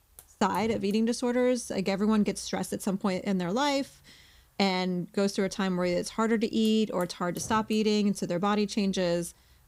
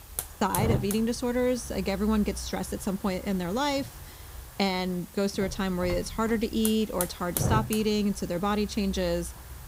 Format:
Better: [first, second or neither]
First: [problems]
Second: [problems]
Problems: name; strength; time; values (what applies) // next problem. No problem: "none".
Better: first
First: hiss; faint; throughout; 25 dB below the speech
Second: hiss; loud; throughout; 8 dB below the speech